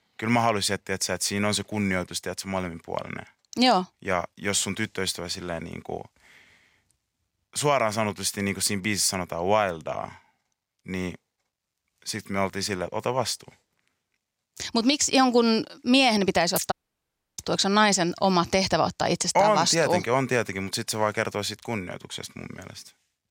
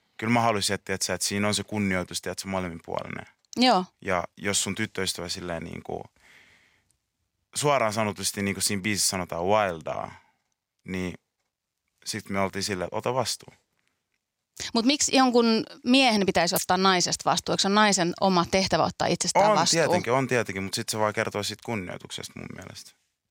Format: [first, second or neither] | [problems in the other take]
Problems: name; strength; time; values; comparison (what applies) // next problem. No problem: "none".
second | audio cutting out; at 17 s for 0.5 s